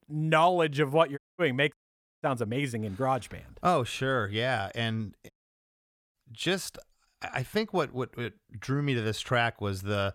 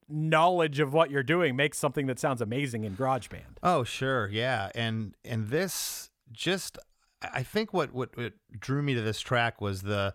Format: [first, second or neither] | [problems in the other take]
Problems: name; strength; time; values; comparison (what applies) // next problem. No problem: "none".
second | audio cutting out; at 1 s, at 1.5 s and at 5.5 s for 1 s